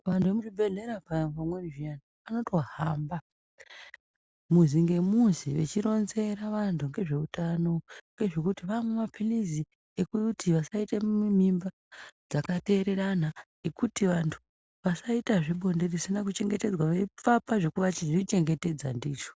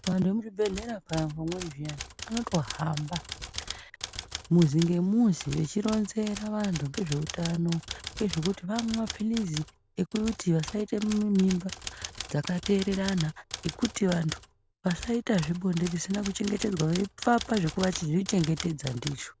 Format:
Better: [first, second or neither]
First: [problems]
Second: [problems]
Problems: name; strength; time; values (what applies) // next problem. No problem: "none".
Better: first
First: none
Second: background sound (Typewriter); 12 dB below the speech